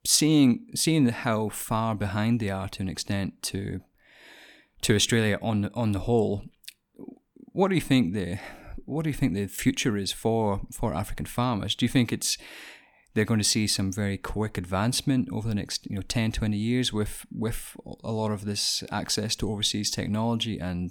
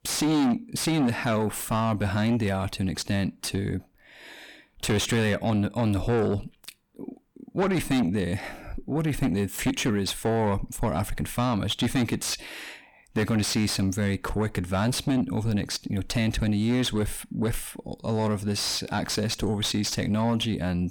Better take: first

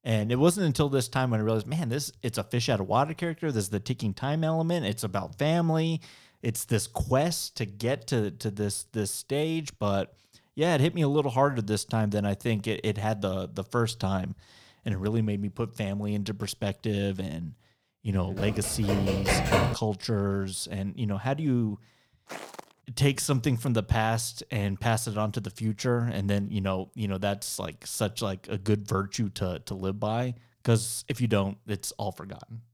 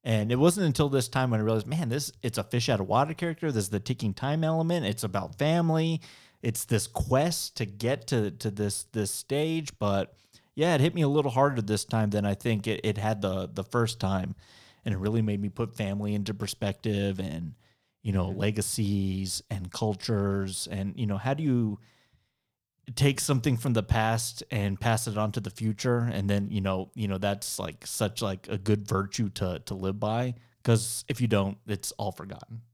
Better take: second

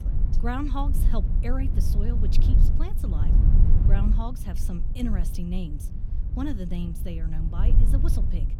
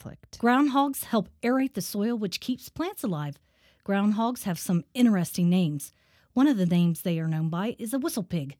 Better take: second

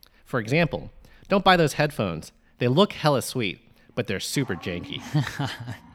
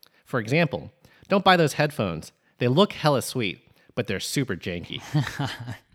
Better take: second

